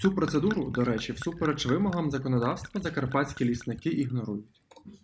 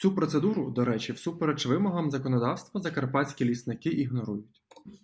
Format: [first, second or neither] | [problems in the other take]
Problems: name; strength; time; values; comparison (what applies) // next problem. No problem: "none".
second | background sound (Gurgling / Chink, clink / Liquid); 15 dB below the speech